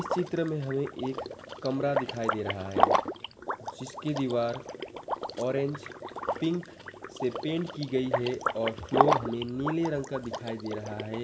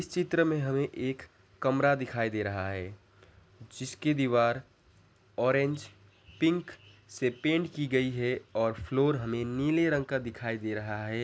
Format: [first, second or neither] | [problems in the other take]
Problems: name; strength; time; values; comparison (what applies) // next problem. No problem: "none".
second | background sound (Liquid); as loud as the speech // room echo; dies away in 2.1 s